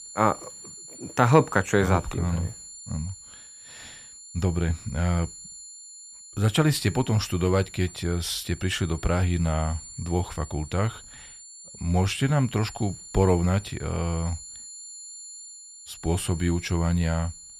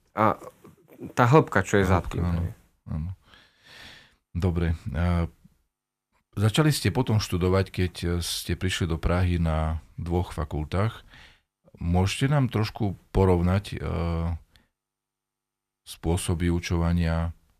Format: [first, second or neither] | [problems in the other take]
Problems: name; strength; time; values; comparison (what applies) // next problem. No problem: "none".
second | high-pitched whine; noticeable; throughout; 7 kHz, 15 dB below the speech